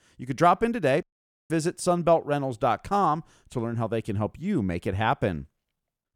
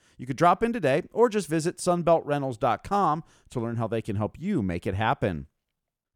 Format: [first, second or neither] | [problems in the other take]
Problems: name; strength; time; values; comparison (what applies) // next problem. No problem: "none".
second | audio cutting out; at 1 s